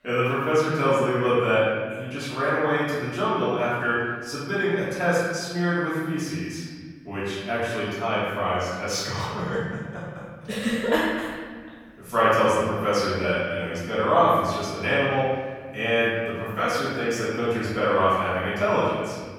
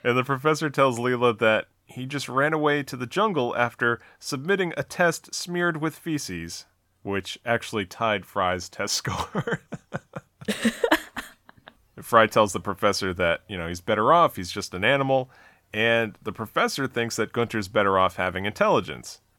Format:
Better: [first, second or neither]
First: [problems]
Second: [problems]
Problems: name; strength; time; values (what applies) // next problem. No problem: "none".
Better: second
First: room echo; strong; dies away in 1.6 s // off-mic speech; far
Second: none